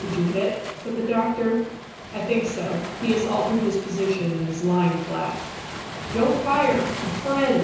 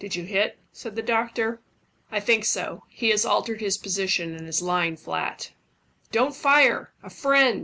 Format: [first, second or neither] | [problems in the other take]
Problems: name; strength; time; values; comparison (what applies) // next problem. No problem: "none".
second | background sound (Waves, surf); 10 dB below the speech // room echo; dies away in 0.9 s